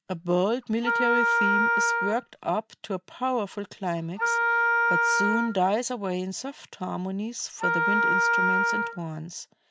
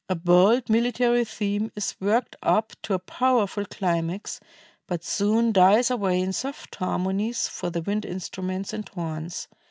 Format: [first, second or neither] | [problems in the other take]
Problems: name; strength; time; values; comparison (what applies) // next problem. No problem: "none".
second | background sound (Wind instrument, woodwind instrument); 4 dB above the speech